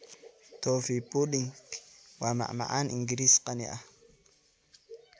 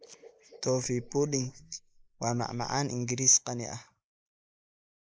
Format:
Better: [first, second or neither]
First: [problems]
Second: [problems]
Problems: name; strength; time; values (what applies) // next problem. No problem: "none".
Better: first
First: none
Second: noise reduction (neural mask model Resemble Enhance denoiser)